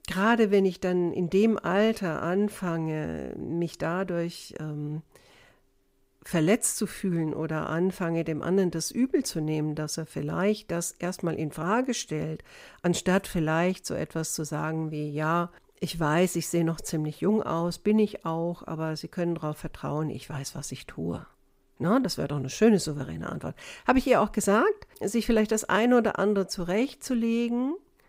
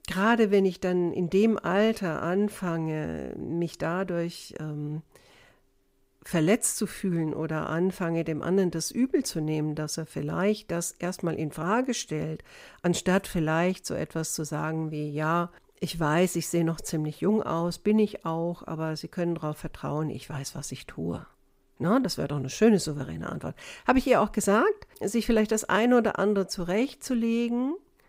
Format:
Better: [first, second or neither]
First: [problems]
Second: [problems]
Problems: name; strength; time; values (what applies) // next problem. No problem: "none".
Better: neither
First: none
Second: none